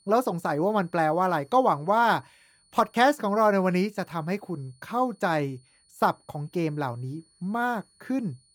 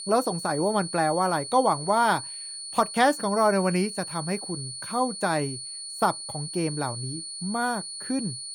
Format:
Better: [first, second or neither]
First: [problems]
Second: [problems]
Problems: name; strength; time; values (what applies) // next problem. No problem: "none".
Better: first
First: high-pitched whine; faint; throughout; 4.5 kHz, 35 dB below the speech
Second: high-pitched whine; loud; throughout; 4.5 kHz, 8 dB below the speech